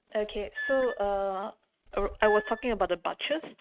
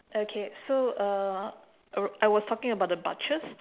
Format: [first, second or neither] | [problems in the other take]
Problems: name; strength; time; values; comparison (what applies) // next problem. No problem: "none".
second | noise reduction (neural mask model RNNoise)